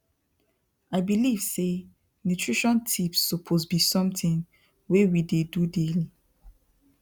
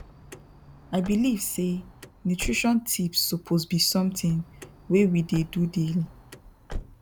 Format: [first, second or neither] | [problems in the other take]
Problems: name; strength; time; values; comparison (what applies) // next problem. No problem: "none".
first | background sound (Car); 16 dB below the speech